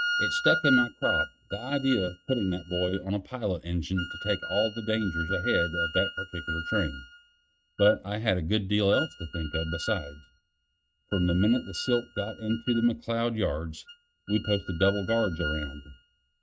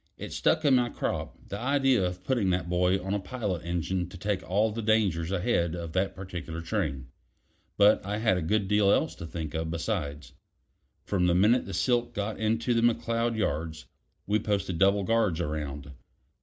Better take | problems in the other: second | noise reduction (neural mask model RNNoise)

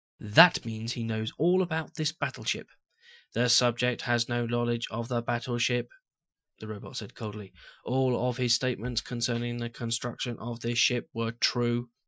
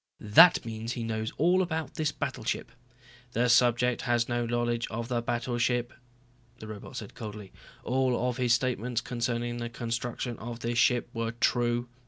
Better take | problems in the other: second | noise reduction (classical method Wiener filter)

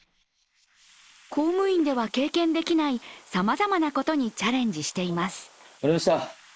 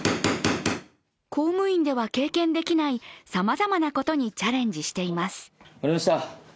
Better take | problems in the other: second | noise reduction (neural mask model Resemble Enhance denoiser)

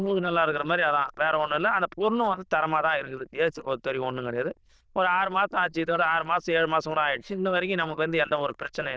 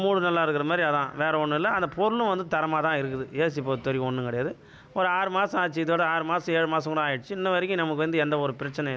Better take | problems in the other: second | noise reduction (neural diffusion model UNIVERSE++)

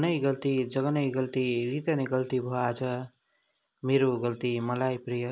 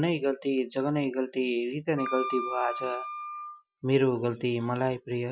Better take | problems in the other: first | noise reduction (classical method Wiener filter)

